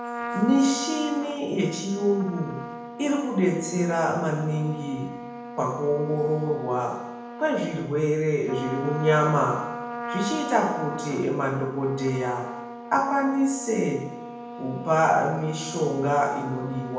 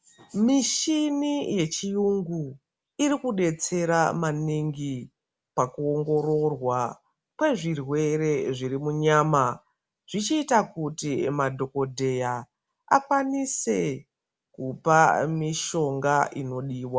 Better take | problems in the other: second | background sound (Trumpet); 10 dB below the speech // room echo; dies away in 0.9 s

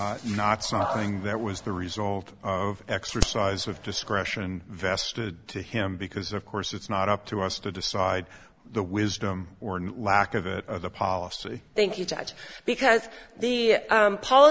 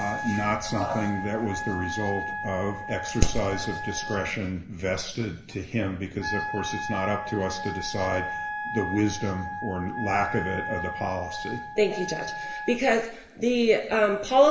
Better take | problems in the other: first | background sound (Wind instrument, woodwind instrument); 8 dB below the speech // room echo; dies away in 0.7 s

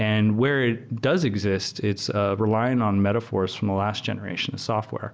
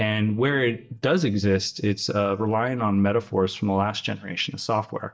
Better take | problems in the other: first | noise reduction (neural mask model DeepFilterNet 3)

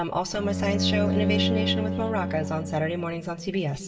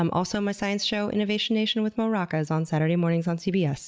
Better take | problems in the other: second | background sound (Bowed string instrument); as loud as the speech // room echo; dies away in 3 s

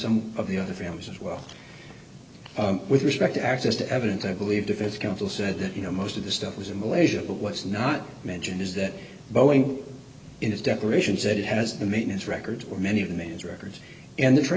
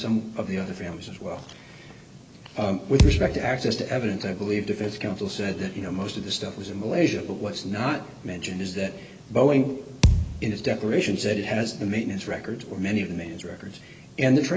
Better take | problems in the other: first | background sound (Thump, thud); 2 dB above the speech

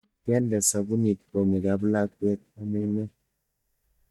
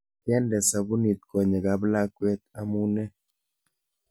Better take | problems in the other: second | noise reduction (neural mask model DeepFilterNet 3)

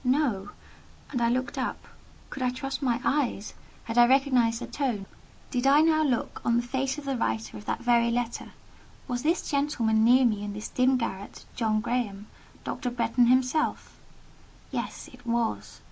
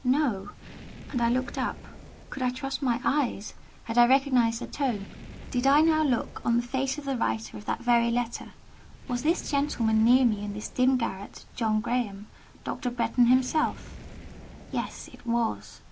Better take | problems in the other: first | background sound (Fire); 19 dB below the speech

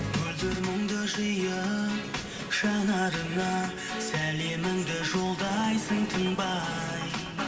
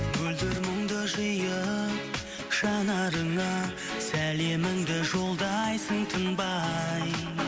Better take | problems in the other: second | background sound (Tools); 17 dB below the speech // room echo; dies away in 0.9 s

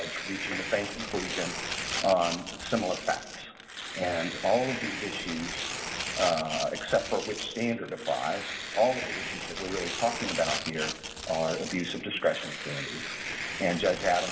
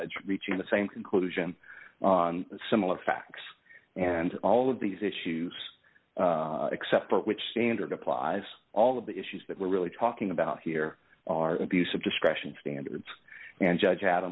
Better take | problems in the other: second | background sound (Tearing); 5 dB below the speech // room echo; dies away in 1.8 s

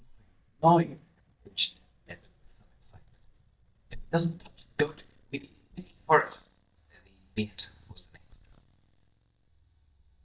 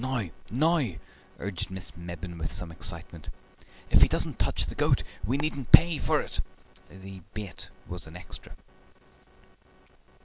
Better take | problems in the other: second | noise reduction (neural mask model DeepFilterNet 3)

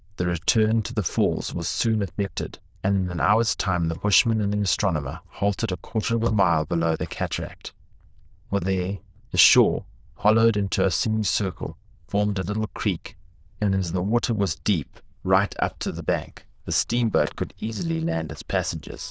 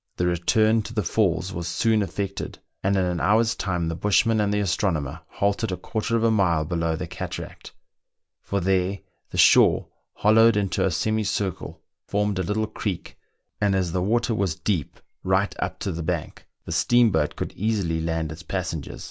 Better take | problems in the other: second | noise reduction (neural diffusion model UNIVERSE++)

